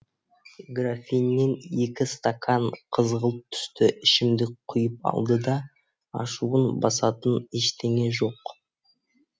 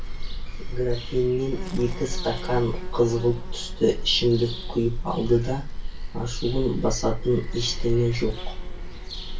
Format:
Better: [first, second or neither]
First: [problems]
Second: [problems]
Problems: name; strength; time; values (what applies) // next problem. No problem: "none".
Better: first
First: none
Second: background sound (Bird vocalization, bird call, bird song); 3 dB below the speech // room echo; dies away in 0.2 s